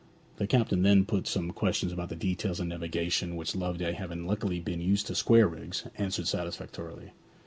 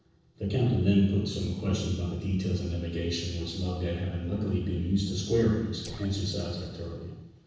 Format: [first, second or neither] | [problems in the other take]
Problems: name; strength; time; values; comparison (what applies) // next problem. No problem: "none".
first | noise reduction (neural separator model SepFormer DNS4)